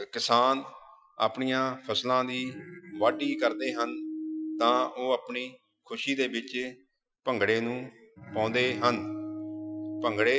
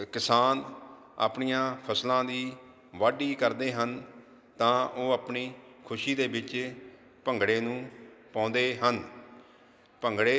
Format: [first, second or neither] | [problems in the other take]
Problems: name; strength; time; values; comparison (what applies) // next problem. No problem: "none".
second | noise reduction (classical method Wiener filter)